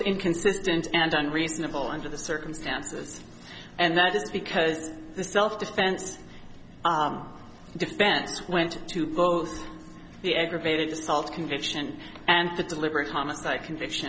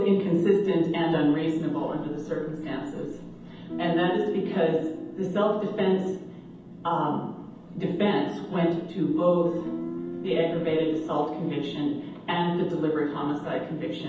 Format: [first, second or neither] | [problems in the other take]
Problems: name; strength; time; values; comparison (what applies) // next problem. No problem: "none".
first | background sound (Guitar); 15 dB below the speech // room echo; dies away in 0.8 s